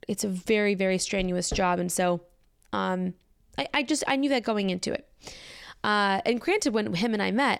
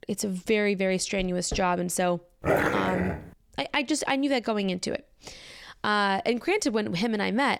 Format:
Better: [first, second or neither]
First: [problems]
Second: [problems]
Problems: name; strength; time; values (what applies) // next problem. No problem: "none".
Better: first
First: none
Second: dog barking; loud; at 2.5 s; peak 2 dB above the speech